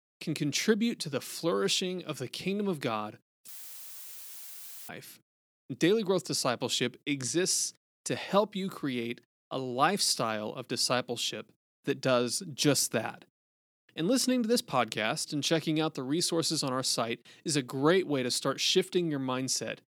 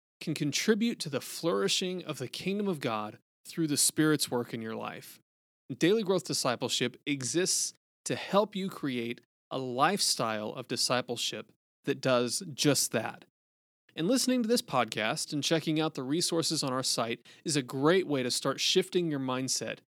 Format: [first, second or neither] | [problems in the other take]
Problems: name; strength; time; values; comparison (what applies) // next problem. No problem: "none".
second | audio cutting out; filled with static; at 3.5 s for 1.5 s